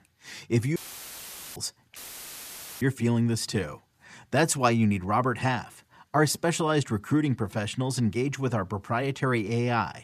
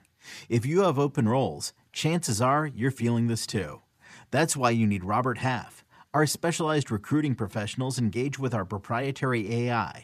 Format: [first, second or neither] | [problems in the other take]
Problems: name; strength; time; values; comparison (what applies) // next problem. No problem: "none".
second | audio cutting out; filled with static; at 1 s for 1 s and at 2 s for 1 s